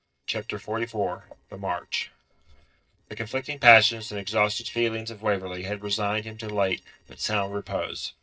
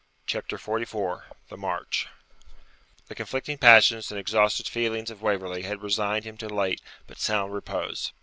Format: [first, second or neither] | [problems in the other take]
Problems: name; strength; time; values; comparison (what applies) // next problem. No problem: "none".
second | noise reduction (neural separator model SepFormer DNS4)